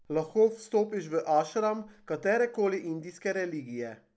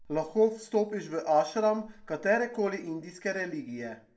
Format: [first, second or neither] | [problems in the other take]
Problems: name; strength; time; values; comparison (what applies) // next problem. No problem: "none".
first | room echo; dies away in 0.3 s